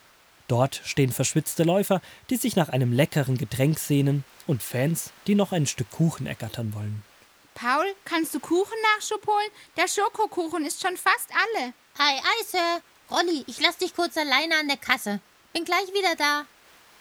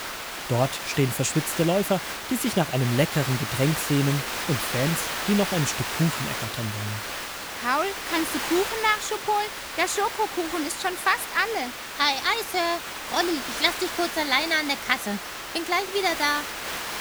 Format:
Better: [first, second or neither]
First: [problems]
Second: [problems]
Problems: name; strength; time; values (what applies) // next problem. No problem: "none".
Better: first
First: hiss; faint; throughout; 30 dB below the speech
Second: hiss; loud; throughout; 5 dB below the speech